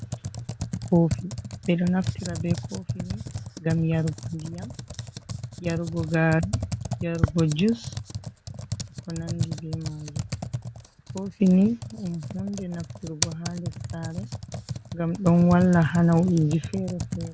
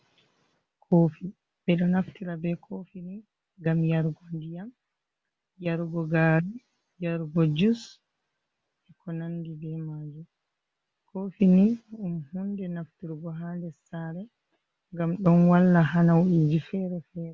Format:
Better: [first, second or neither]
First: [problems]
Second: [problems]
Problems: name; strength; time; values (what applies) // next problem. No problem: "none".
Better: second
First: background sound (Computer keyboard); 7 dB below the speech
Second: none